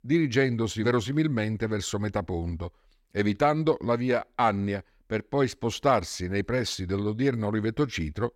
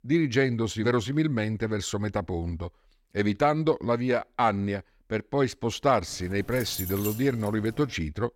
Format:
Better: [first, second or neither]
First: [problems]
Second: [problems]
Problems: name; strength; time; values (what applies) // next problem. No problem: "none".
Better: first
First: none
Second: jangling keys; noticeable; from 6 s on; peak 6 dB below the speech